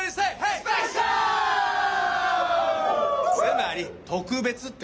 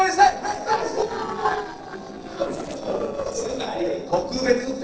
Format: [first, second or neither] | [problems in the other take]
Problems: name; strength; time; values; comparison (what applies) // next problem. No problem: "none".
first | noise reduction (neural separator model SepFormer DNS4)